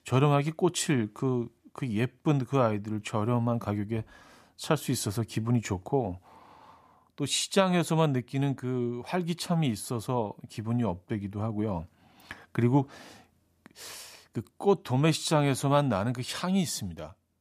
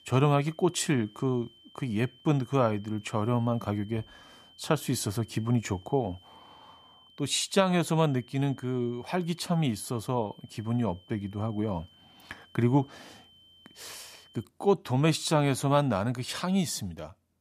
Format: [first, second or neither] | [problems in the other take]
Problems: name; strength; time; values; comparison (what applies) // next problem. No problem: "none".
first | high-pitched whine; faint; until 14 s; 3 kHz, 25 dB below the speech